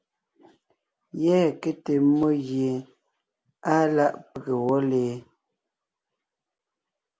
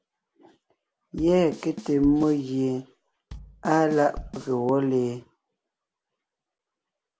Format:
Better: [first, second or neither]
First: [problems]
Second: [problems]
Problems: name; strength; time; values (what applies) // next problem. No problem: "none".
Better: first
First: none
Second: background sound (Bass drum / Snare drum / Drum kit); 15 dB below the speech